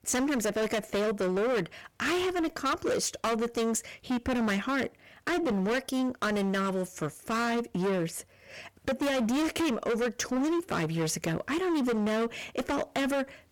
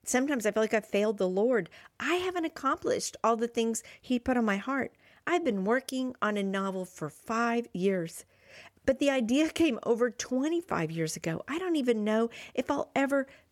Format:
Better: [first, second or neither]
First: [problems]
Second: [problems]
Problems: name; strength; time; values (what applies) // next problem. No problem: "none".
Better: second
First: distortion; heavy; 25% of the sound clipped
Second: none